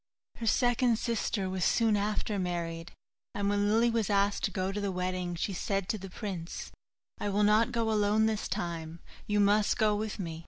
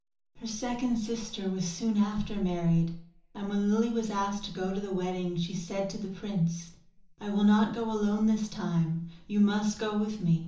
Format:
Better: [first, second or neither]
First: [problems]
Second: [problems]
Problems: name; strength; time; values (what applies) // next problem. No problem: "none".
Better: first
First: none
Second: room echo; dies away in 0.7 s